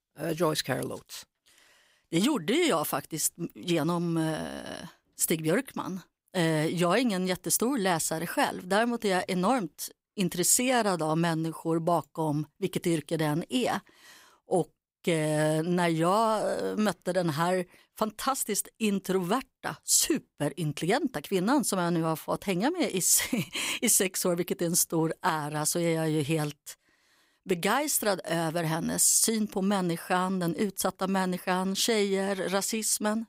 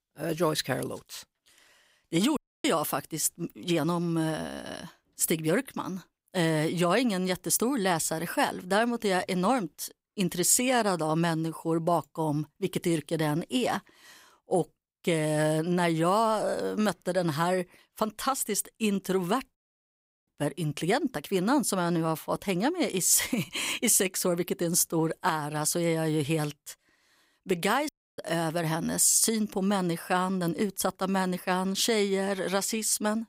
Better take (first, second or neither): first